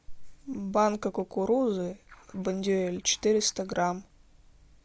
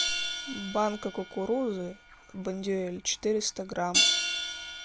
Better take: first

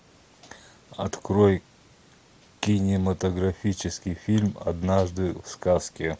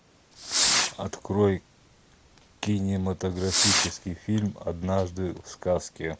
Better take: first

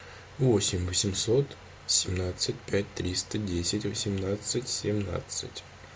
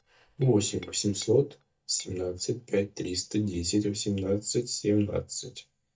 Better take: first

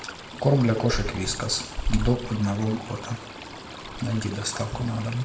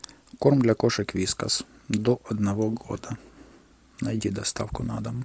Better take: second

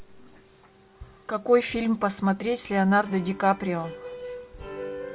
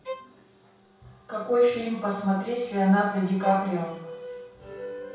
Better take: first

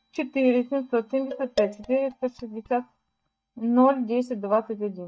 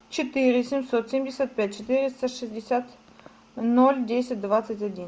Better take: second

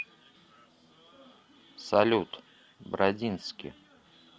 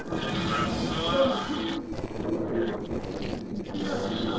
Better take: first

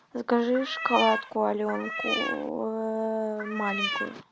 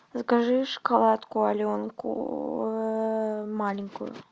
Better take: second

